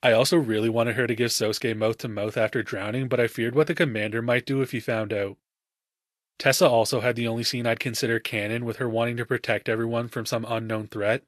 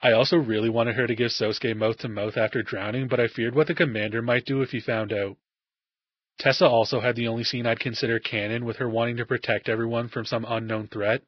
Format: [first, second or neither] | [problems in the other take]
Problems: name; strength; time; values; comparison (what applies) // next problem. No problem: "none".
first | garbled, watery; badly; nothing above 5.5 kHz; slightly in the first